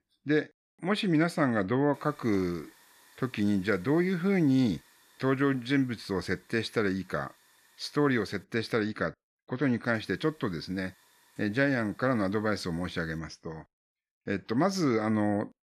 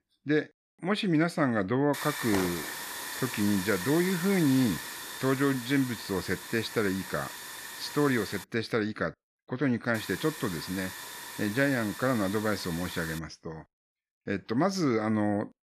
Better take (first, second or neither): first